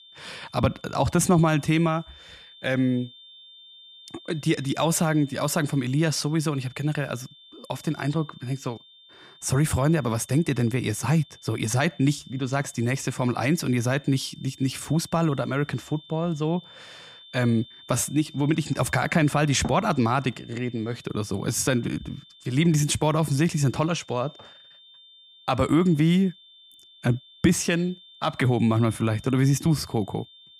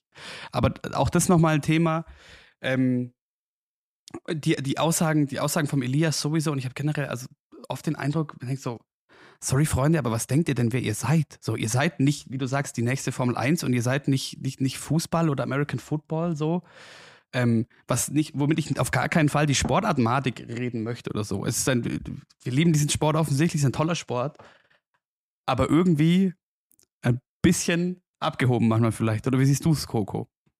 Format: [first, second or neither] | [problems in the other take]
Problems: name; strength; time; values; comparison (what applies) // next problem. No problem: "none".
second | high-pitched whine; faint; throughout; 3.5 kHz, 25 dB below the speech